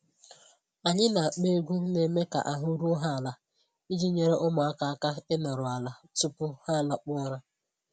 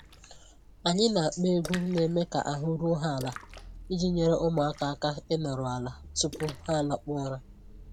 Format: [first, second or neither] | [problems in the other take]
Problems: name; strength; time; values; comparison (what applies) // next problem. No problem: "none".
first | background sound (Splash, splatter); 16 dB below the speech